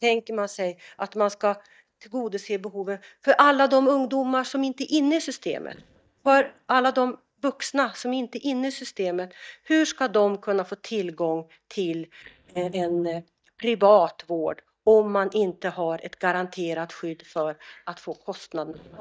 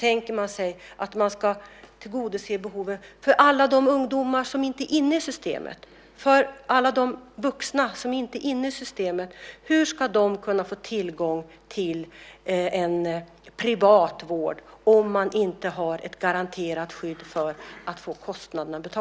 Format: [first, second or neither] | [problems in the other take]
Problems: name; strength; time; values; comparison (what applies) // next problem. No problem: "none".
second | noise reduction (neural mask model DeepFilterNet 3)